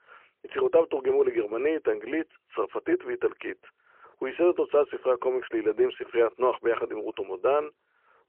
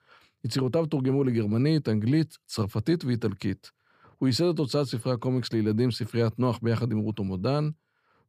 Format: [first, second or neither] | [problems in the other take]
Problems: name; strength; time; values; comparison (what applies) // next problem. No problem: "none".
second | phone-call audio; poor line; nothing above 3 kHz